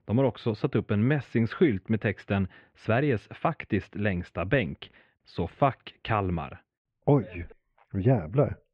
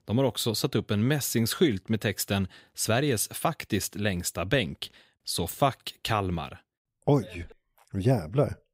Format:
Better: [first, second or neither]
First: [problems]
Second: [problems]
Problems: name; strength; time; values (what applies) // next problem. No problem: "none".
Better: second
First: muffled; very; fading above 2.5 kHz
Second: none